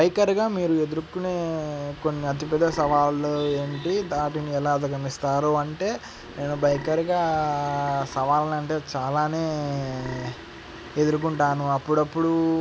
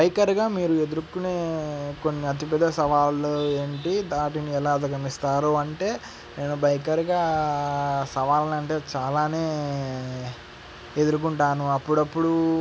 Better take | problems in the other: second | background sound (Burping, eructation); 17 dB below the speech

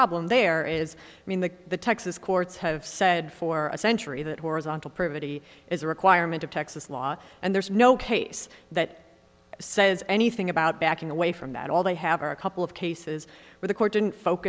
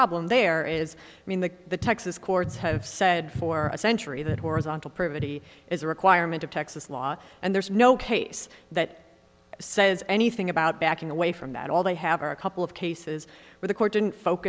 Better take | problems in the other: first | background sound (Bass guitar); 9 dB below the speech

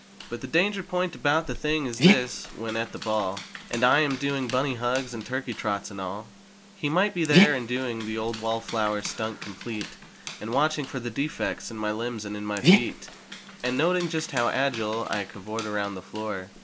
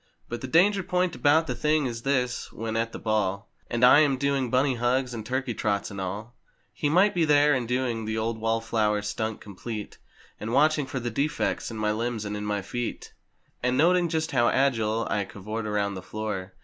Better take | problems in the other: second | background sound (Dog); 3 dB below the speech

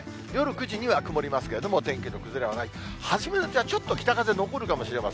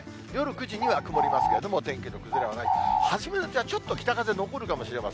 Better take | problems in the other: first | background sound (Bird); 5 dB above the speech

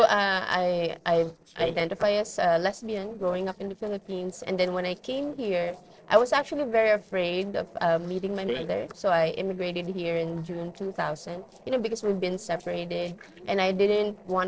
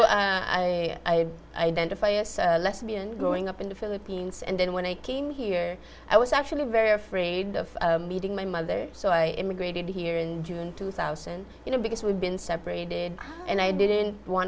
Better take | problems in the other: second | noise reduction (neural separator model SepFormer DNS4)

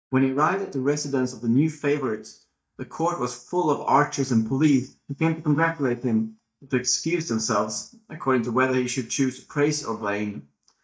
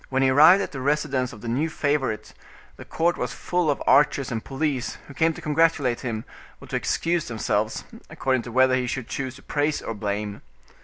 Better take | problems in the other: second | noise reduction (neural mask model DeepFilterNet 3)

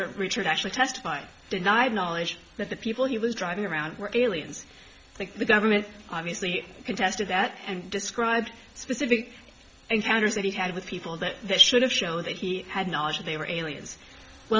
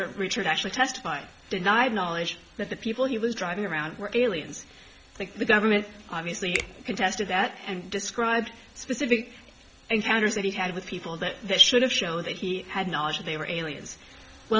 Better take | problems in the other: first | background sound (Finger snapping); 12 dB below the speech

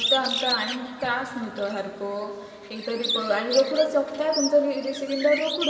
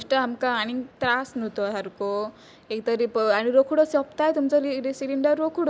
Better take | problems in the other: second | background sound (Bird); 7 dB below the speech // room echo; dies away in 2.6 s

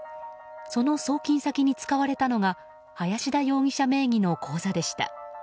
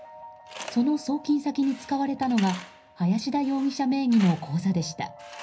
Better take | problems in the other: first | background sound (Tools); 19 dB below the speech // room echo; dies away in 0.5 s

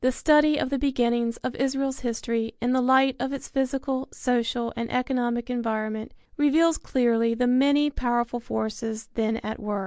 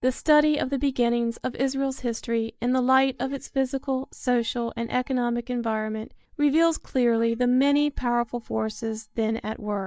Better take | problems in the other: first | noise reduction (neural mask model DeepFilterNet 3)

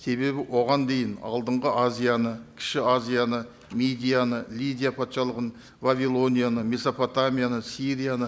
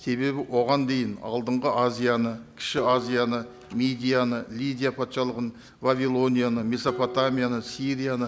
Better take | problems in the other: first | background sound (Dishes, pots, and pans); 18 dB below the speech

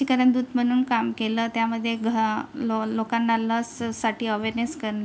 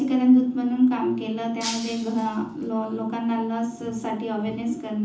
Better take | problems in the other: first | background sound (Shatter); 13 dB below the speech // room echo; dies away in 0.6 s

